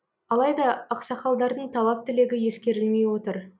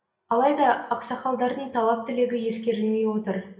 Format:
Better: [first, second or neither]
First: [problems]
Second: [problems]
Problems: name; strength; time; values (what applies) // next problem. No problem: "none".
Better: first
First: none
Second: room echo; dies away in 0.8 s